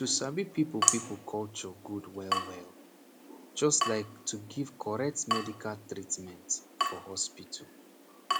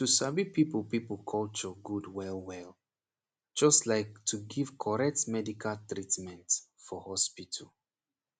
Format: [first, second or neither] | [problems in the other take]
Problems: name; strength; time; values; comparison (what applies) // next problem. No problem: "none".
second | background sound (Drip / Water tap, faucet); 1 dB below the speech